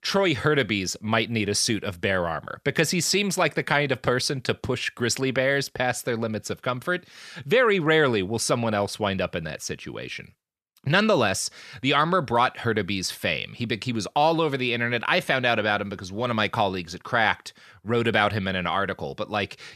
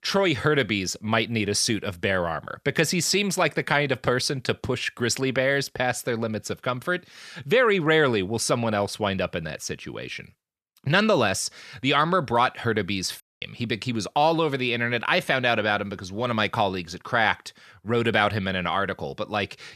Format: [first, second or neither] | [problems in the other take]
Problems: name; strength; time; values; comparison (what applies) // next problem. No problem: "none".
first | audio cutting out; at 13 s